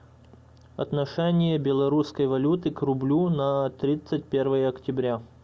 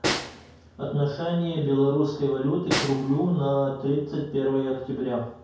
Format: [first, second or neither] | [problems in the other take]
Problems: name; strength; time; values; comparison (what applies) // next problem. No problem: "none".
first | background sound (Snare drum); 10 dB below the speech // room echo; dies away in 0.5 s